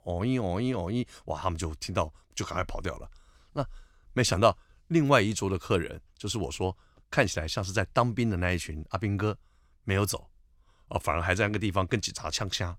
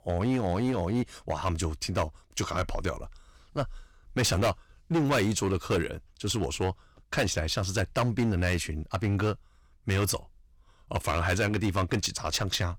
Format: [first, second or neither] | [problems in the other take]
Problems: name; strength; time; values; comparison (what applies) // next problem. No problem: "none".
first | distortion; heavy; 9% of the sound clipped